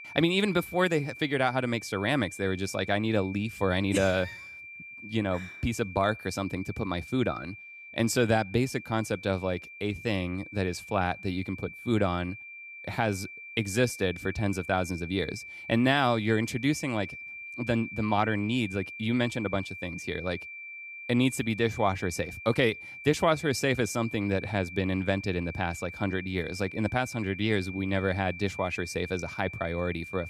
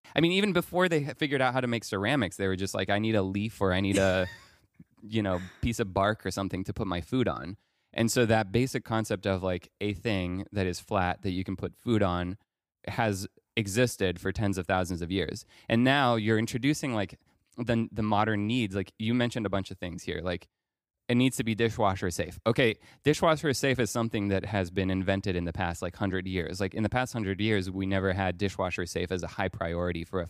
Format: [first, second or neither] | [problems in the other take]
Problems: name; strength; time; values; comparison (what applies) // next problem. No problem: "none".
second | high-pitched whine; noticeable; throughout; 2.5 kHz, 10 dB below the speech